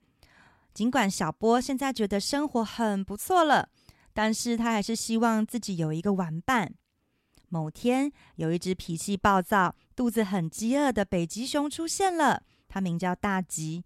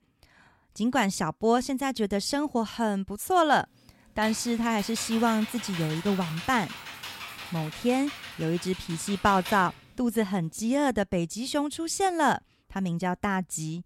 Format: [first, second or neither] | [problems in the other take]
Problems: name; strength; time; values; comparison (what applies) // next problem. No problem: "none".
first | keyboard typing; noticeable; from 4 to 10 s; peak 8 dB below the speech